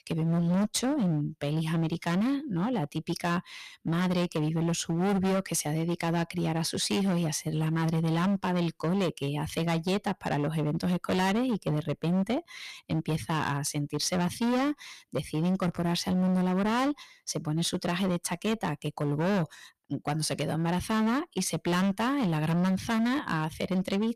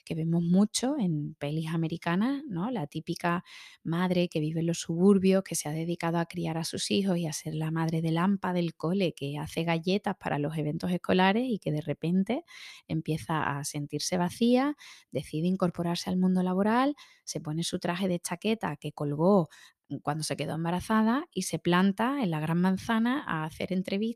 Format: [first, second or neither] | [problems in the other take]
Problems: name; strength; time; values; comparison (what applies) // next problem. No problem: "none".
second | distortion; heavy; 19% of the sound clipped